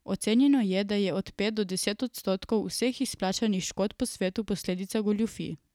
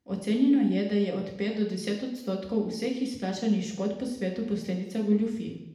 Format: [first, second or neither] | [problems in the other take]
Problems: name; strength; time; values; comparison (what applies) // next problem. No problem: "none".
first | room echo; dies away in 0.8 s